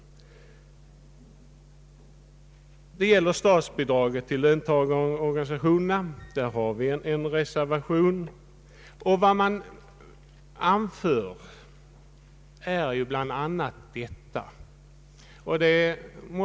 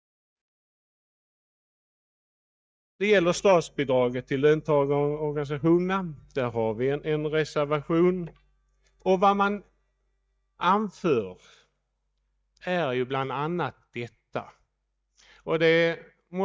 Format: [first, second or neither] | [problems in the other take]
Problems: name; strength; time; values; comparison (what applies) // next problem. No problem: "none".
first | noise reduction (neural mask model DeepFilterNet 3)